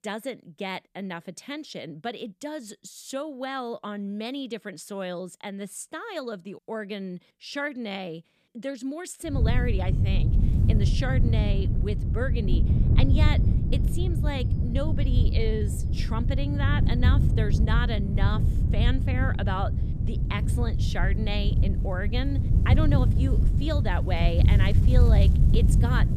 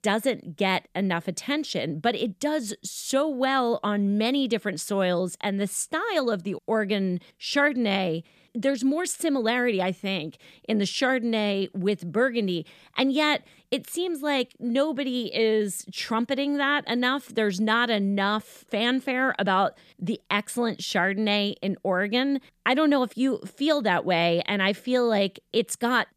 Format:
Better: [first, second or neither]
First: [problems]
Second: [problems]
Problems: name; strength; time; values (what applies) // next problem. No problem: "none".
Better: second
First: wind noise on the microphone; heavy; from 9.5 s on; 4 dB below the speech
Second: none